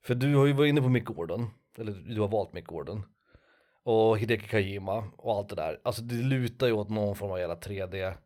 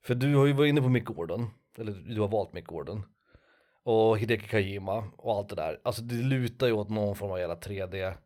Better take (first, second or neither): neither